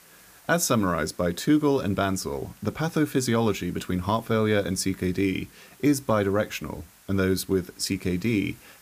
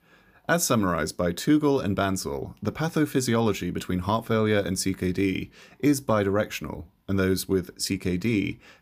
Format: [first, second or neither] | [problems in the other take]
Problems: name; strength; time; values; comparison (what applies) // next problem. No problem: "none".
second | hiss; faint; throughout; 25 dB below the speech